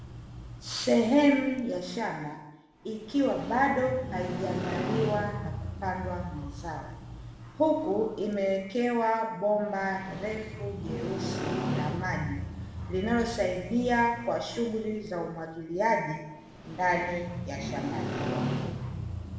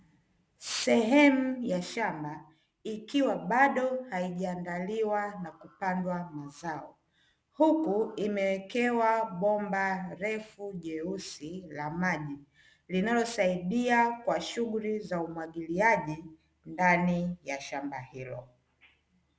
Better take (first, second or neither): second